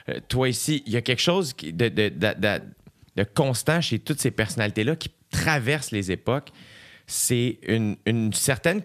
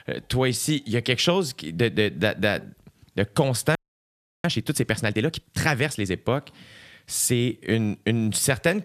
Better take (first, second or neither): first